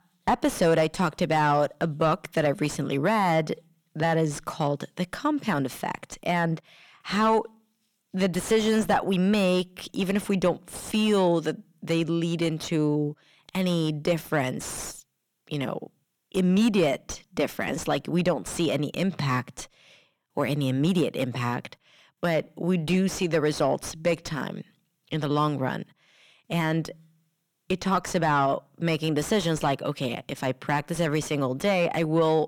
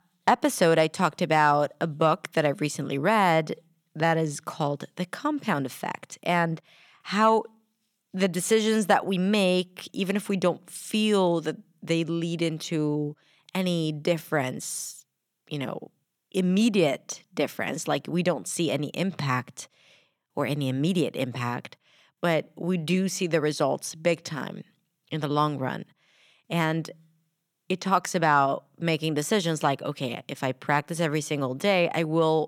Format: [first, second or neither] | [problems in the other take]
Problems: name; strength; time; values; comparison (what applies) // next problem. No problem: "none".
second | distortion; slight; 10 dB below the speech